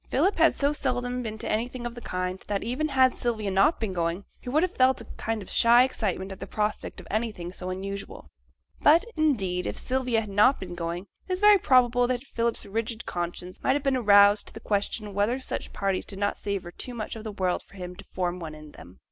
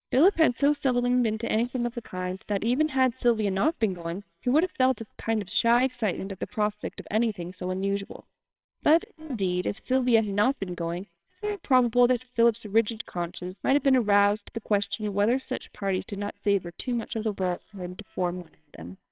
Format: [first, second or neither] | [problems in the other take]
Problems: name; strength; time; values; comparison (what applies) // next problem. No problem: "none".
first | noise reduction (neural separator model SepFormer WHAMR!)